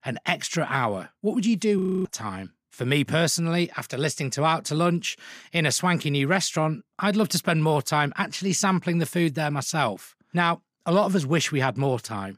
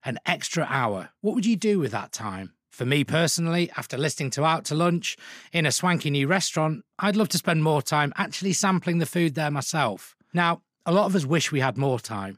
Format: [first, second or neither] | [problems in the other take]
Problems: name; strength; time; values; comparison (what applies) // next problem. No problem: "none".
second | audio freezing; at 2 s